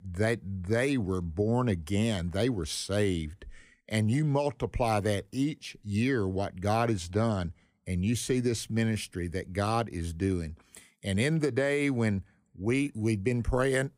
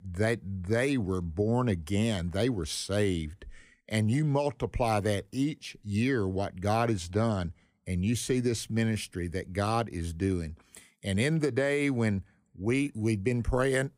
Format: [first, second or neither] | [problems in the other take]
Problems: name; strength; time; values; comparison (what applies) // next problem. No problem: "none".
neither | none